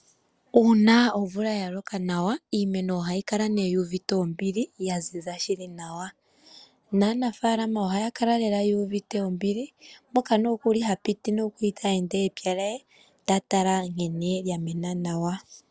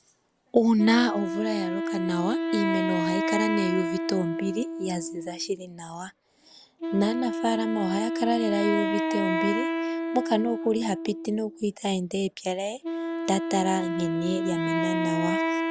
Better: first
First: none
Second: background sound (Wind instrument, woodwind instrument); 2 dB below the speech

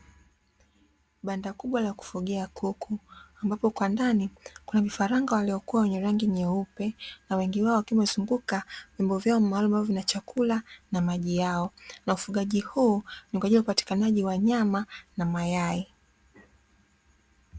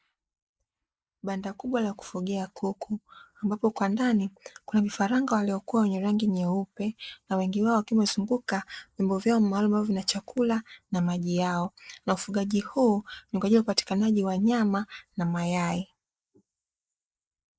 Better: first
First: none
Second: noise reduction (neural mask model Resemble Enhance denoiser)

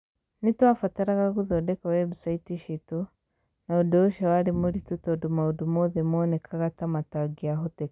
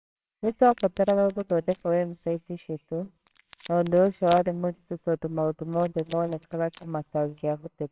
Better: first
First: none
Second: noise reduction (neural separator model SepFormer WHAMR!)

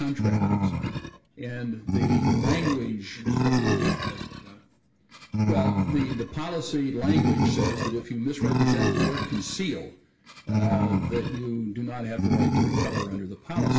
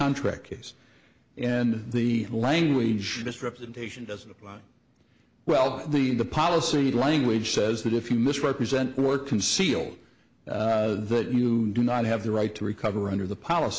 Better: second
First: background sound (Animal); 5 dB above the speech // room echo; dies away in 0.1 s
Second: none

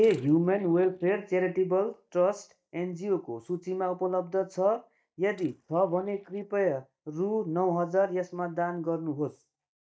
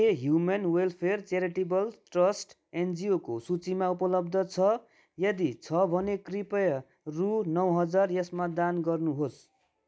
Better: second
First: noise reduction (neural mask model DeepFilterNet 3)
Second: none

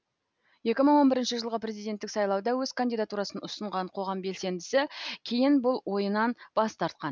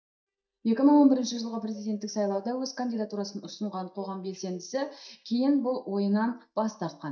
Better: first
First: none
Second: noise reduction (neural mask model DeepFilterNet 3)

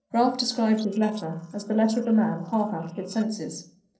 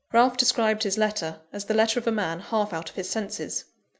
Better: second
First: noise reduction (neural separator model SepFormer DNS4)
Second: none

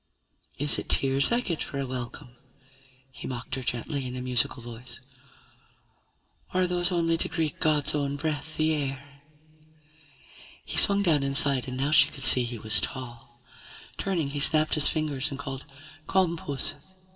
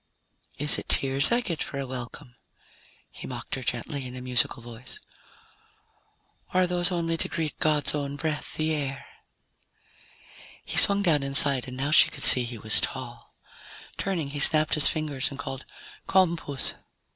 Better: second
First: room echo; dies away in 2.5 s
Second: none

